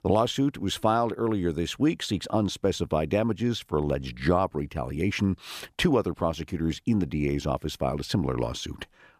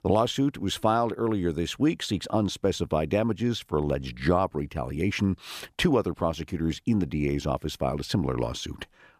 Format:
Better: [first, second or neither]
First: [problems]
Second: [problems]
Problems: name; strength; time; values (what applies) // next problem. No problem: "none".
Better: neither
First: none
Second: none